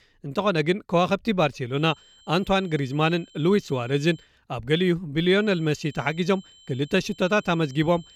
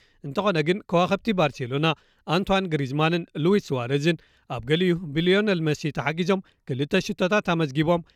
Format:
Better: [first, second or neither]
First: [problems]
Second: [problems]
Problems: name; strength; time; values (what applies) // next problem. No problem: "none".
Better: second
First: high-pitched whine; faint; from 1.5 to 4 s and from 5.5 s on; 3 kHz, 25 dB below the speech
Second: none